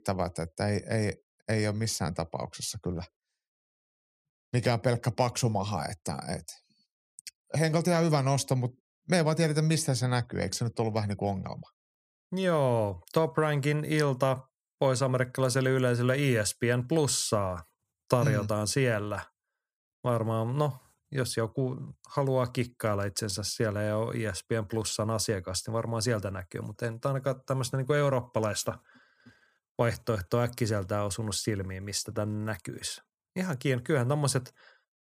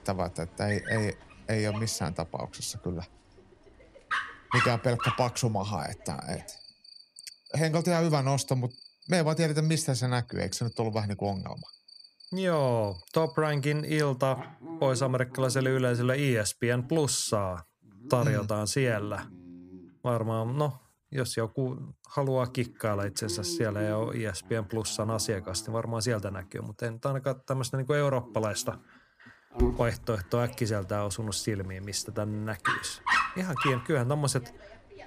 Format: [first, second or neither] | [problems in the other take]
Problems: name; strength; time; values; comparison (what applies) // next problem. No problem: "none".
first | animal sounds; loud; throughout; 6 dB below the speech